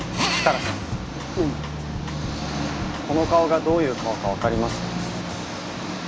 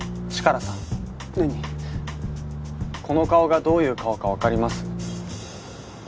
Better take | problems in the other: second | background sound (Engine + Drill); 4 dB below the speech

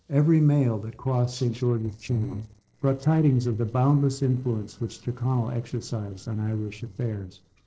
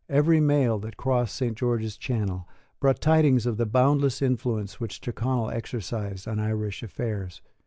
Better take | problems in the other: second | noise reduction (neural separator model SepFormer DNS4)

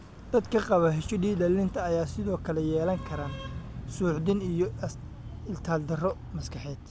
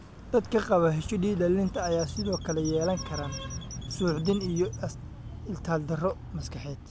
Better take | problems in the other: first | background sound (Squeak / Chirp, tweet); 15 dB below the speech

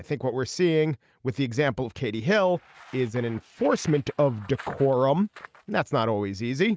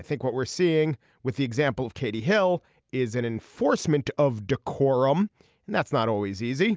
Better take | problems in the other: second | noise reduction (neural mask model RNNoise)

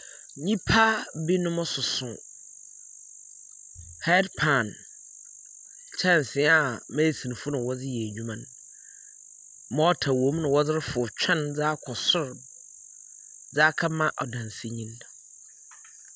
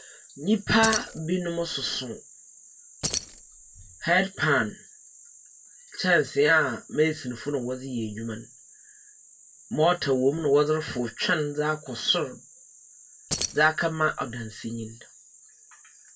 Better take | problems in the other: first | background sound (Keys jangling); 8 dB below the speech // room echo; dies away in 0.1 s

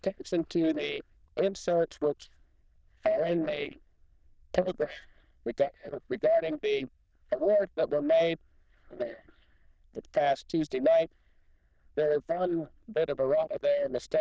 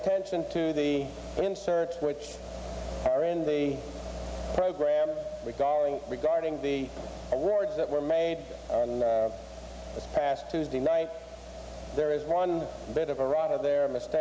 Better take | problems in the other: second | noise reduction (neural diffusion model UNIVERSE++)

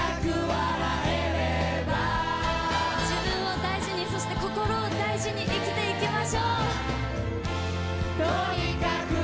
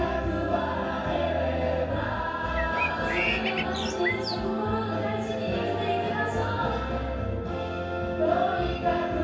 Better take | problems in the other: first | background sound (Bird); 5 dB below the speech // room echo; dies away in 0.7 s

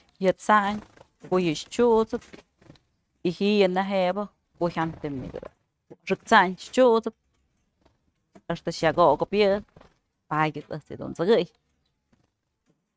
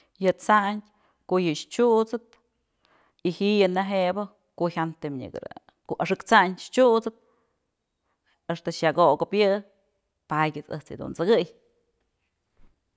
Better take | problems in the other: second | noise reduction (neural mask model RNNoise)

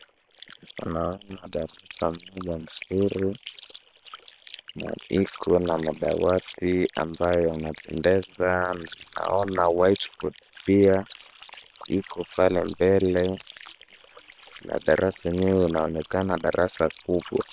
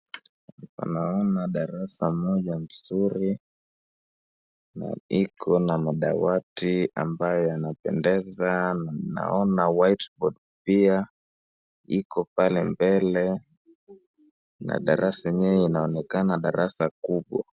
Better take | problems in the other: second | noise reduction (neural separator model SepFormer WHAM!)

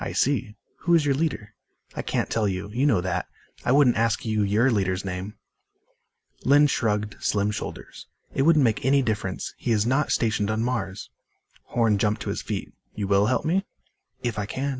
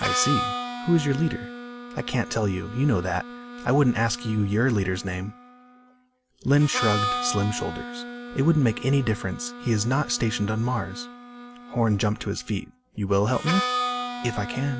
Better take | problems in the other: first | background sound (Harmonica); 8 dB below the speech

